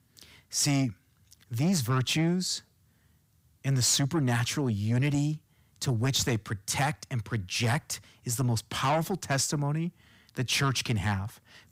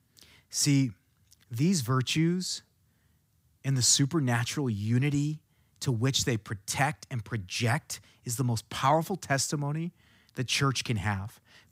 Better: second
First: distortion; slight; 10 dB below the speech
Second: none

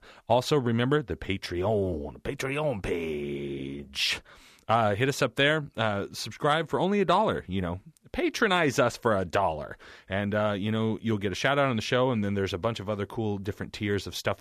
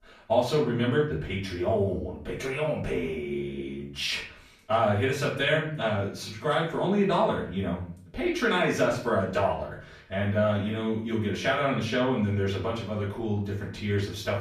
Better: first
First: none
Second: off-mic speech; far // room echo; noticeable; dies away in 0.5 s

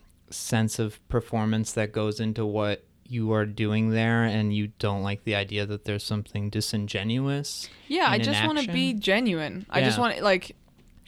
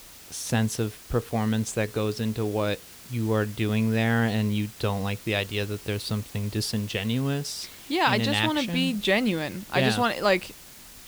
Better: first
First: none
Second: hiss; noticeable; throughout; 20 dB below the speech

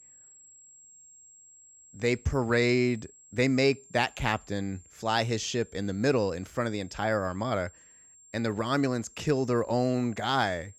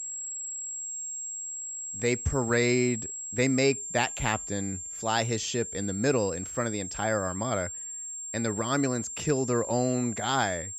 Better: first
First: high-pitched whine; faint; throughout; 7.5 kHz, 25 dB below the speech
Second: high-pitched whine; loud; throughout; 7.5 kHz, 6 dB below the speech

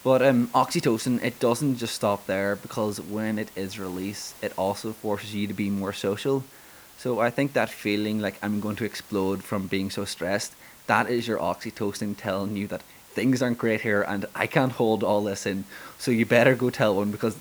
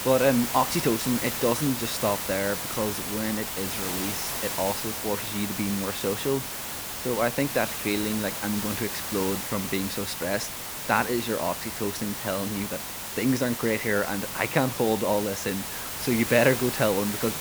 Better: first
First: hiss; faint; throughout; 20 dB below the speech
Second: hiss; loud; throughout; 2 dB below the speech

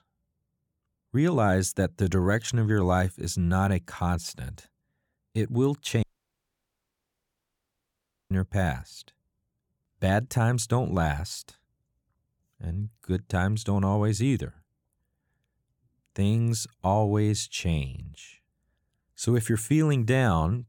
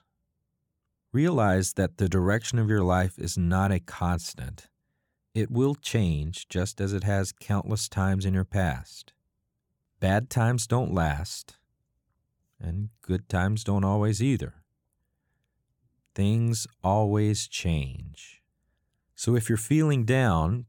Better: second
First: audio cutting out; at 6 s for 2.5 s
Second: none

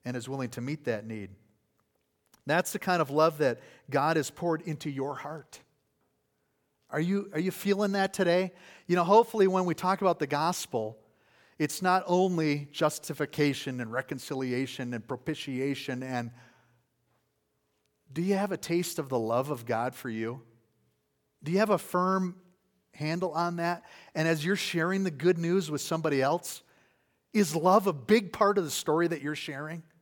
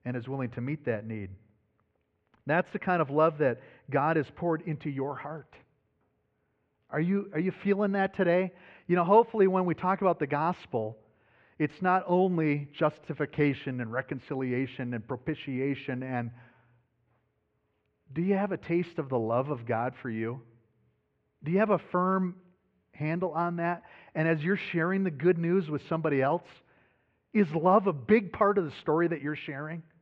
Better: first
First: none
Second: muffled; very; fading above 2.5 kHz

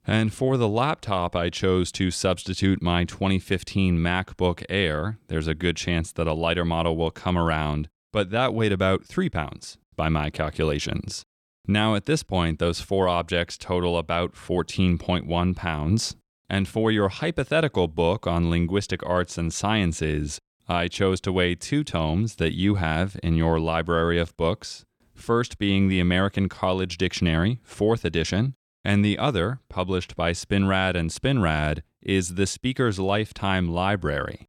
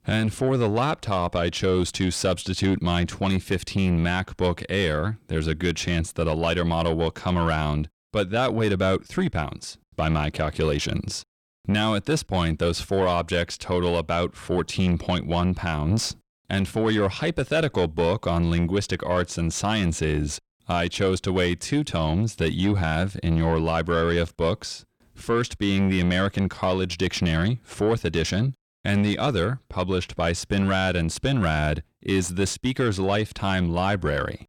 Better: first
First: none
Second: distortion; slight; 10 dB below the speech

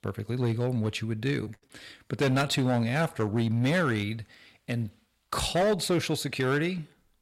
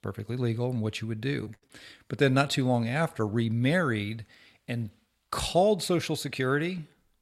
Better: second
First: distortion; slight; 7% of the sound clipped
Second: none

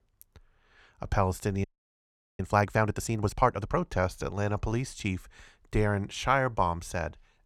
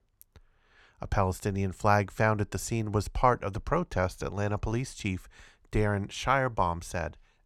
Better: second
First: audio freezing; at 1.5 s for 1 s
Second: none

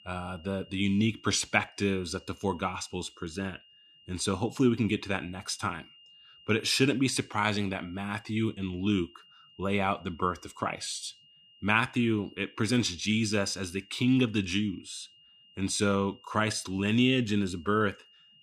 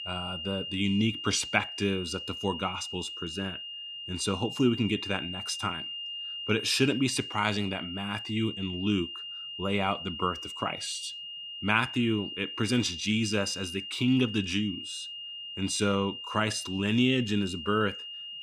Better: first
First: high-pitched whine; faint; throughout; 3 kHz, 25 dB below the speech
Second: high-pitched whine; loud; throughout; 3 kHz, 7 dB below the speech

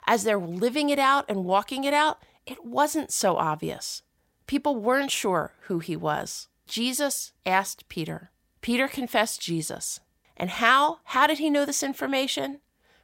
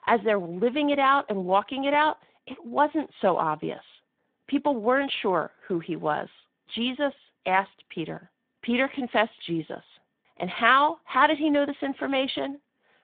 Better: first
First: none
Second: phone-call audio; nothing above 3.5 kHz

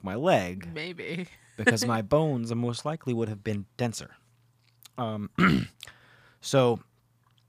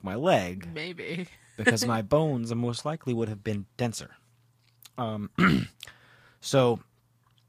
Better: first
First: none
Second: garbled, watery; slightly; nothing above 15 kHz

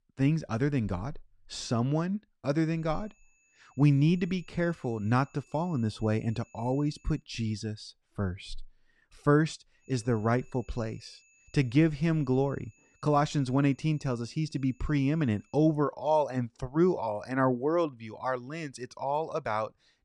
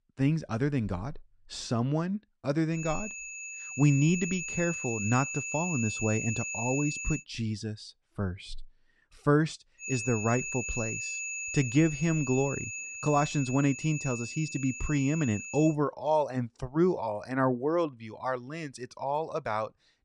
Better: first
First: high-pitched whine; faint; from 3 to 7 s and from 10 to 16 s; 2.5 kHz, 35 dB below the speech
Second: high-pitched whine; loud; from 3 to 7 s and from 10 to 16 s; 2.5 kHz, 5 dB below the speech

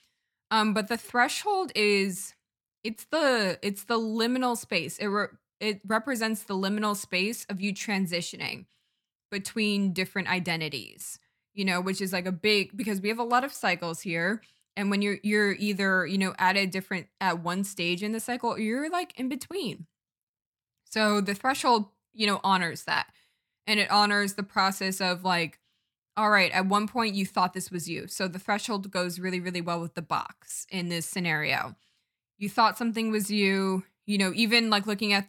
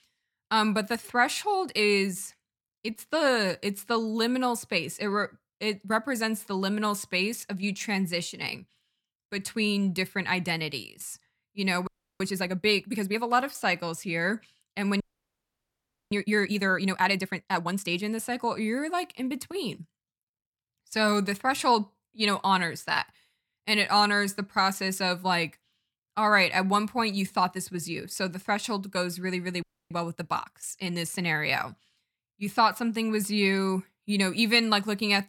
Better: first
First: none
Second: audio freezing; at 12 s, at 15 s for 1 s and at 30 s

